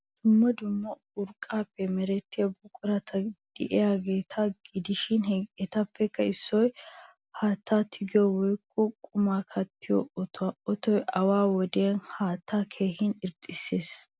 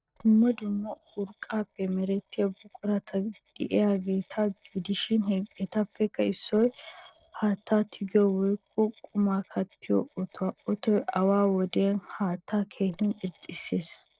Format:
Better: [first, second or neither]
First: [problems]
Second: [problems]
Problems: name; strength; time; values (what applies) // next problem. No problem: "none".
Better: first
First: none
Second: noise reduction (neural separator model SepFormer DNS4)